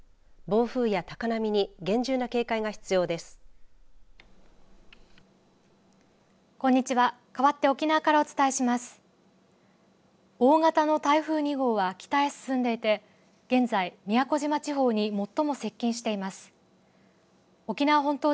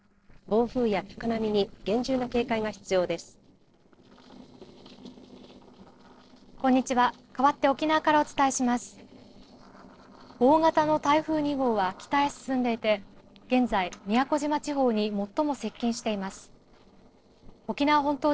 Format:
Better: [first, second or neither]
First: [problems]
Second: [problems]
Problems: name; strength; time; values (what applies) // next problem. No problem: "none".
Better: first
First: none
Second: noise reduction (neural separator model SepFormer DNS4)